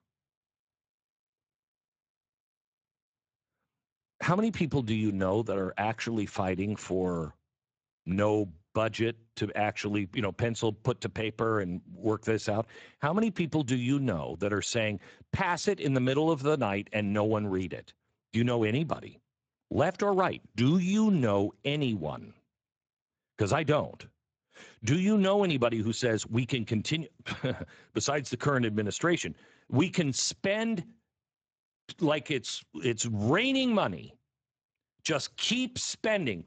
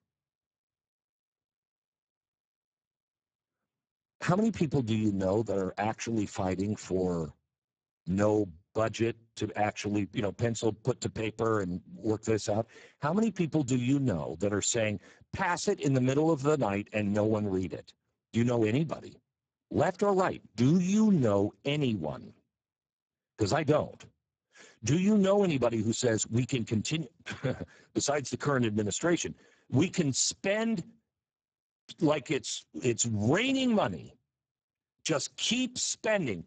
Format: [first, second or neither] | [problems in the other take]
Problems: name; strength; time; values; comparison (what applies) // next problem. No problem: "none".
first | garbled, watery; badly; nothing above 7.5 kHz; slightly in the first